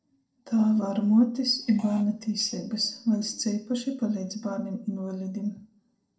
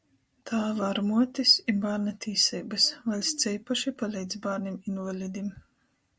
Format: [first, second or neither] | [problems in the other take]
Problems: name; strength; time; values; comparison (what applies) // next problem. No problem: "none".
second | noise reduction (neural separator model SepFormer DNS4)